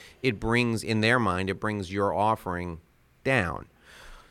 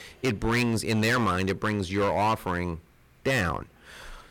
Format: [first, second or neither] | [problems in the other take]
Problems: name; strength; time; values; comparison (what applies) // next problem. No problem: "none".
first | distortion; heavy; 10% of the sound clipped